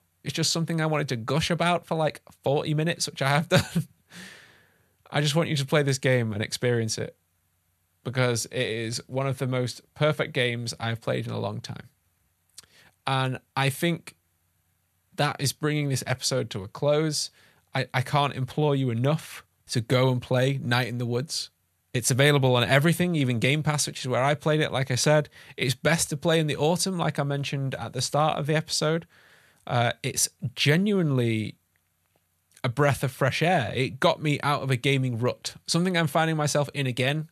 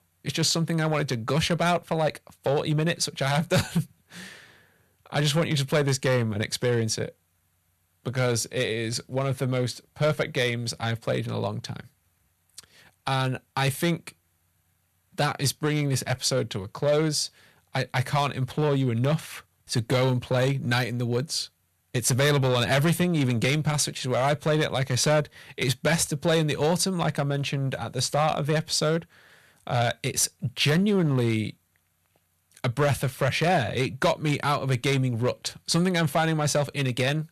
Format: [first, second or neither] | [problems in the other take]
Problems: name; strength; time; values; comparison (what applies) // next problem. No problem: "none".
first | distortion; slight; 4% of the sound clipped